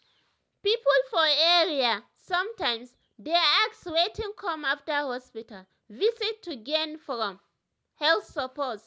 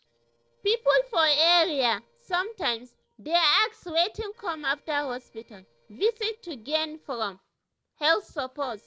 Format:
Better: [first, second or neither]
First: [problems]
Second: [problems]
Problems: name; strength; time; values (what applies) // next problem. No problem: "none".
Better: first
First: none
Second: noise reduction (neural separator model SepFormer DNS4)